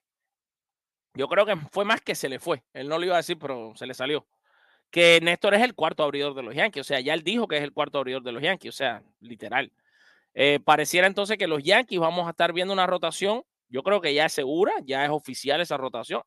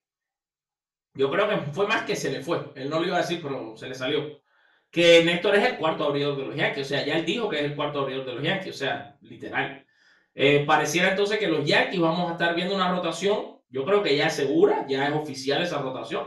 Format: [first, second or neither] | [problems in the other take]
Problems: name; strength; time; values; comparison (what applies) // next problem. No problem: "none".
first | room echo; slight; dies away in 0.3 s // off-mic speech; far